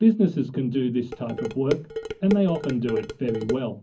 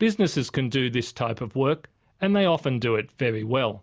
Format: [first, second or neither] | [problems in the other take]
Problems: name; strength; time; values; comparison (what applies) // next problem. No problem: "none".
second | background sound (Dishes, pots, and pans); 8 dB below the speech // room echo; dies away in 0.4 s